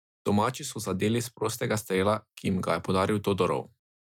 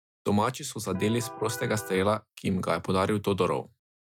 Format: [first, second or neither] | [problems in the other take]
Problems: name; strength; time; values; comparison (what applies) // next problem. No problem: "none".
first | background sound (Electric guitar); 12 dB below the speech